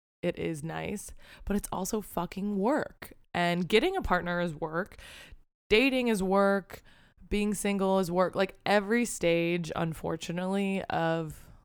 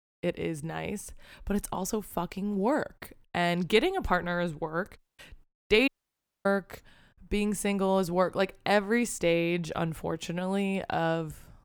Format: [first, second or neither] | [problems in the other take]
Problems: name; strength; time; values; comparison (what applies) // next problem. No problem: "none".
first | audio cutting out; at 5 s and at 6 s for 0.5 s